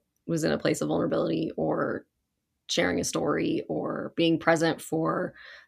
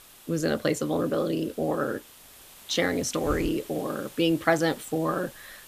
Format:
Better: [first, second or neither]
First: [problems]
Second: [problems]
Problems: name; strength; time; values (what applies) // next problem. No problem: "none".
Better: first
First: none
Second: hiss; noticeable; throughout; 20 dB below the speech